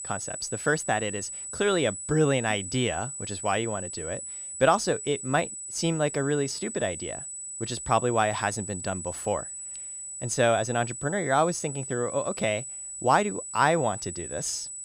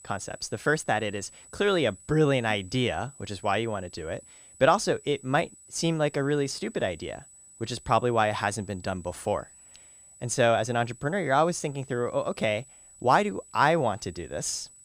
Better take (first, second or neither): second